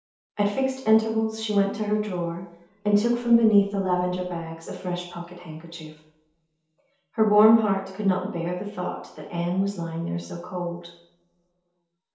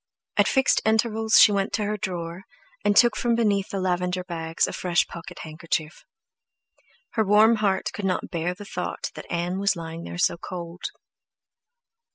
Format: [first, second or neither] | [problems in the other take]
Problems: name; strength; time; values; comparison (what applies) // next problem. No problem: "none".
second | room echo; dies away in 0.8 s